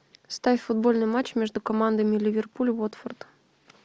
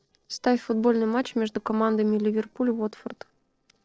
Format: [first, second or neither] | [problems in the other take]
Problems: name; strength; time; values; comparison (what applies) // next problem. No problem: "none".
first | noise reduction (neural separator model SepFormer DNS4)